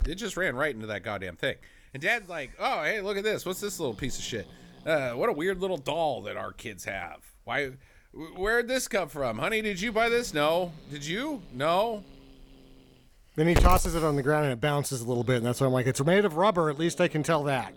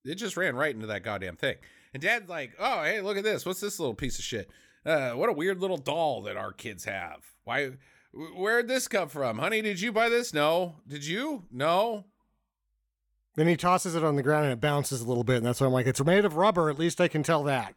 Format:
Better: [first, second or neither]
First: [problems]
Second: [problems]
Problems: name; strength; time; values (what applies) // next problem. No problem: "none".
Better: second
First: hiss; loud; throughout; 8 dB below the speech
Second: none